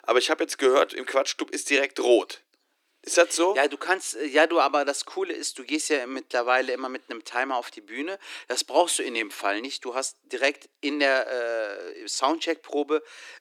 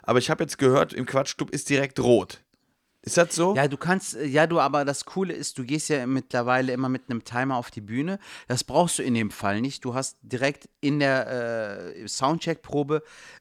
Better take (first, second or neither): second